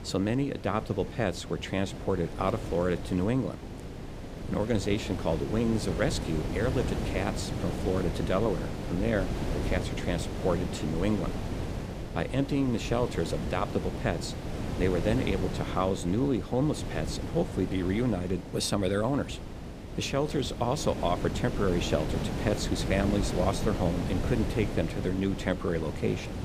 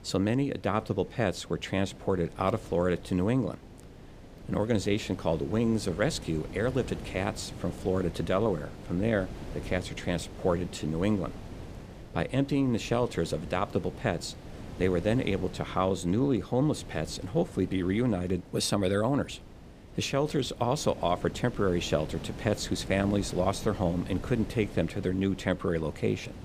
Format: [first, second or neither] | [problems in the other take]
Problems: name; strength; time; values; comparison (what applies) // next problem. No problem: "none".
second | wind noise on the microphone; heavy; 8 dB below the speech; occasional gusts in the second